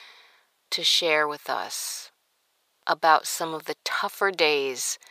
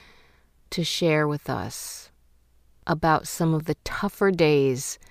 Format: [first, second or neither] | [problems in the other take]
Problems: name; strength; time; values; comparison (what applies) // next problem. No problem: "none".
second | thin; very; fading below 750 Hz